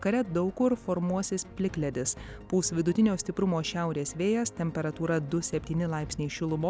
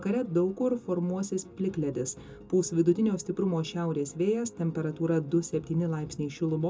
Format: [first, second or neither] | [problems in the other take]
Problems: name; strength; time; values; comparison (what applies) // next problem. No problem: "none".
first | room echo; dies away in 0.2 s